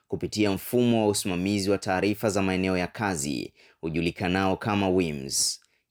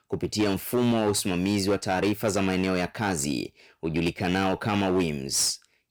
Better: first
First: none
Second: distortion; slight; 8% of the sound clipped

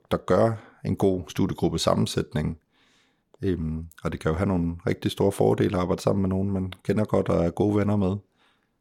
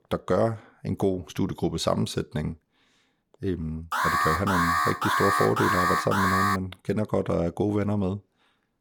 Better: first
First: none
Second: alarm; loud; from 4 to 6.5 s; peak 5 dB above the speech

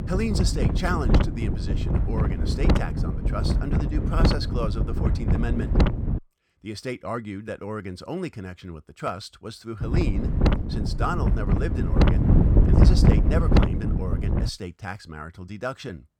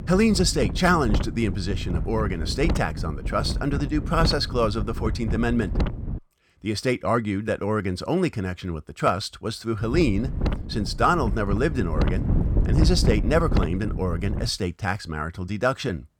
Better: second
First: wind noise on the microphone; heavy; until 6 s and from 10 to 14 s; 1 dB above the speech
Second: wind noise on the microphone; occasional gusts; until 6 s and from 10 to 14 s; 10 dB below the speech

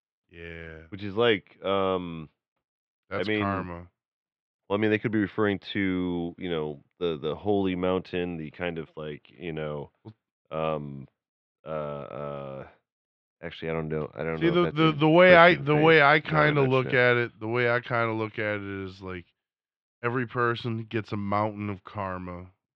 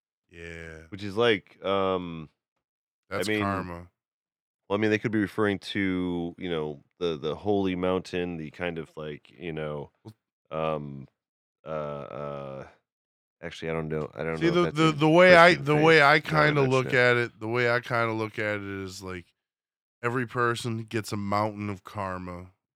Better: second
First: muffled; slightly; fading above 3.5 kHz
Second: none

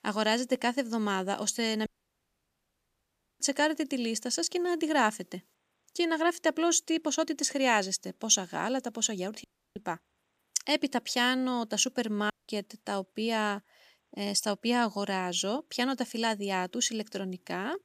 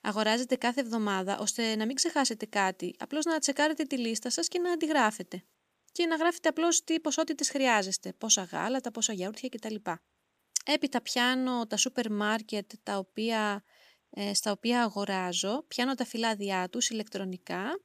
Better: second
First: audio cutting out; at 2 s for 1.5 s, at 9.5 s and at 12 s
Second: none

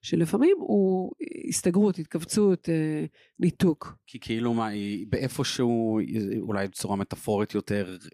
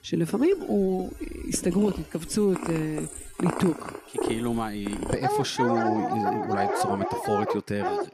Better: first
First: none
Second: animal sounds; loud; throughout; 3 dB below the speech

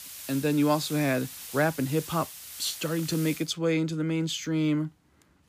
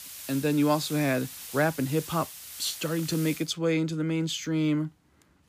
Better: neither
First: hiss; noticeable; until 3.5 s; 10 dB below the speech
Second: hiss; noticeable; until 3.5 s; 10 dB below the speech

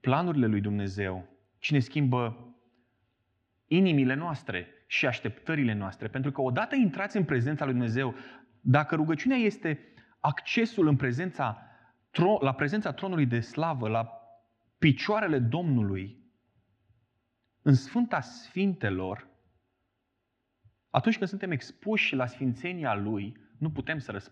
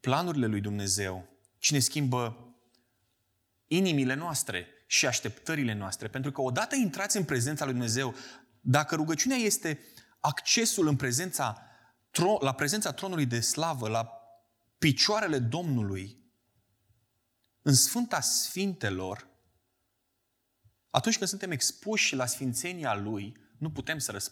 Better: second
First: muffled; very; fading above 3 kHz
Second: none

